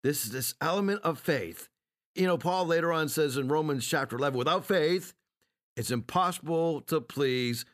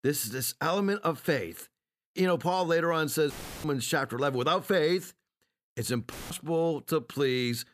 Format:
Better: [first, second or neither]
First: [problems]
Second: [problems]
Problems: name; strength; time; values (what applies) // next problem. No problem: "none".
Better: first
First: none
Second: audio cutting out; filled with static; at 3.5 s and at 6 s